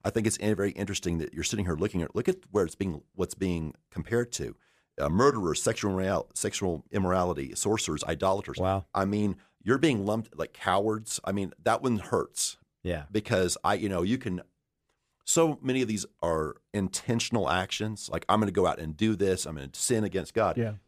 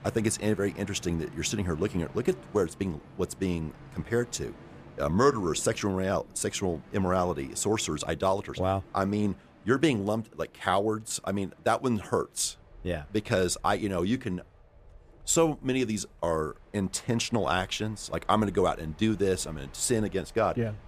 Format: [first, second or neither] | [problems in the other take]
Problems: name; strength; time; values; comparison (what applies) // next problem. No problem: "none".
first | train or aircraft noise; faint; throughout; 20 dB below the speech